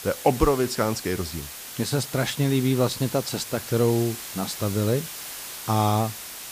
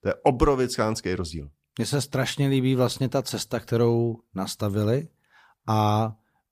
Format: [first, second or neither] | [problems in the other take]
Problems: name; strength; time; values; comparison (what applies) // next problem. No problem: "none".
second | hiss; loud; throughout; 10 dB below the speech